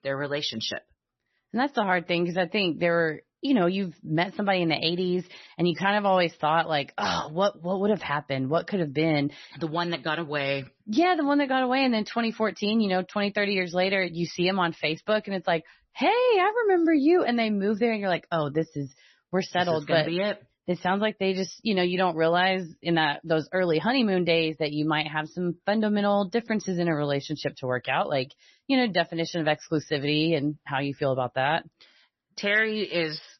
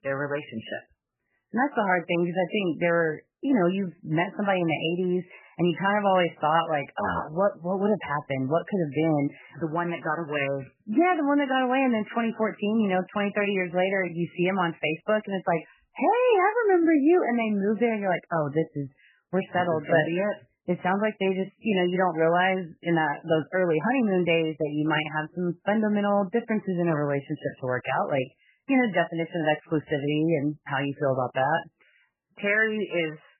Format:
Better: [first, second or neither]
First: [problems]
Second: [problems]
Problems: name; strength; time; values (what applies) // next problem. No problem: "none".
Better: first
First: garbled, watery; slightly; nothing above 6 kHz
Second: garbled, watery; badly; nothing above 3 kHz